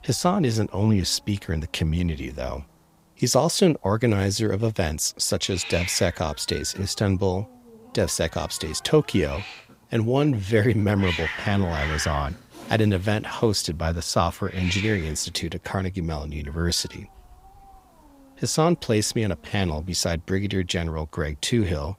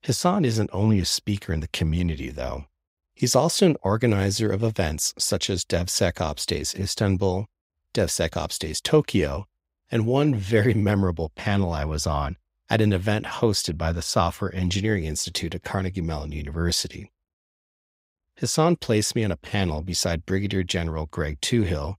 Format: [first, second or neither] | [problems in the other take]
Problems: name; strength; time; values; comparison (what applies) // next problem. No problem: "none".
second | hiss; noticeable; throughout; 10 dB below the speech